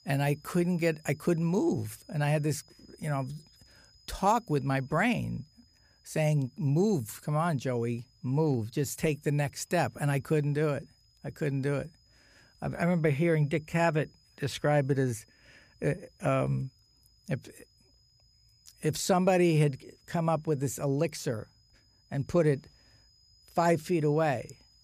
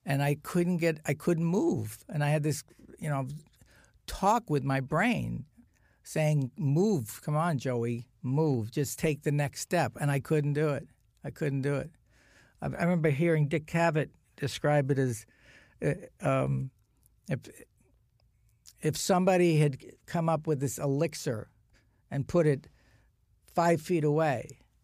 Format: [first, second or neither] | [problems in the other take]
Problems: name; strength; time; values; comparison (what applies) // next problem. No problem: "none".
second | high-pitched whine; faint; throughout; 5 kHz, 30 dB below the speech